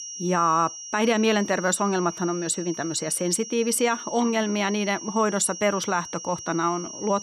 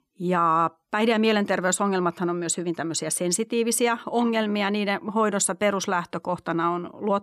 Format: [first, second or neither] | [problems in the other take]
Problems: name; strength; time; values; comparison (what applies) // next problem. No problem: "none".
second | high-pitched whine; noticeable; throughout; 5.5 kHz, 10 dB below the speech